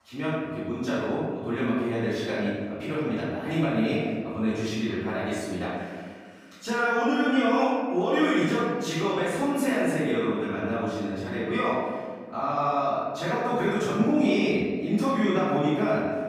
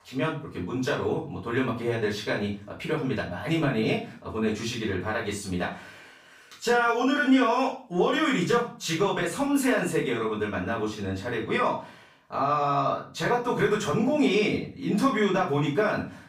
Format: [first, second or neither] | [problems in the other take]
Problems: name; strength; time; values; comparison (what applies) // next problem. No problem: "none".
second | room echo; strong; dies away in 1.6 s; slight in the second // off-mic speech; far; far in the second